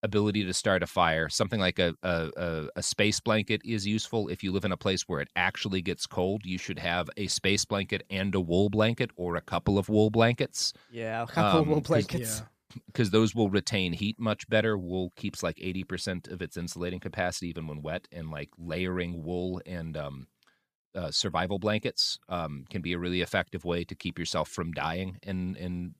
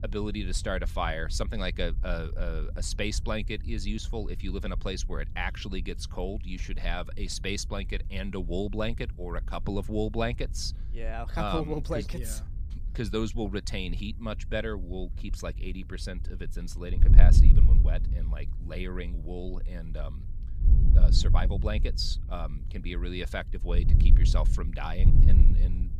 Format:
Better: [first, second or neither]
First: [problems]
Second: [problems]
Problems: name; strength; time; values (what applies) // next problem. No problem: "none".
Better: first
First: none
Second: wind noise on the microphone; occasional gusts; 15 dB below the speech